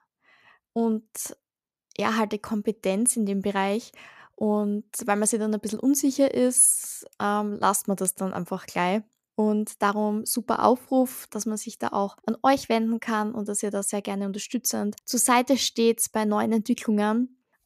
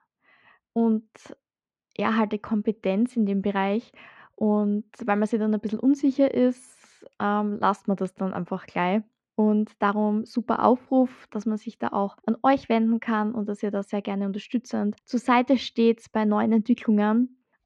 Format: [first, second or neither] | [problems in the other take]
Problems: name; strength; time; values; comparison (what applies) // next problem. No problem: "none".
first | muffled; very; fading above 3 kHz